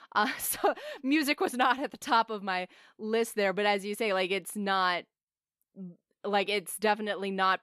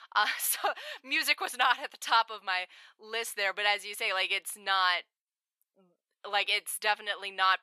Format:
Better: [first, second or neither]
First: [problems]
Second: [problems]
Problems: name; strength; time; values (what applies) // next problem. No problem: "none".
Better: first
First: none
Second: thin; very; fading below 950 Hz